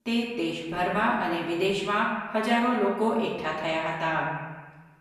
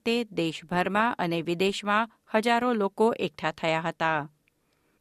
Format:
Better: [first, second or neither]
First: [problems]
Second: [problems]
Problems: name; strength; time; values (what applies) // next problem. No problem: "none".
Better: second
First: room echo; noticeable; dies away in 1.2 s // off-mic speech; far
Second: none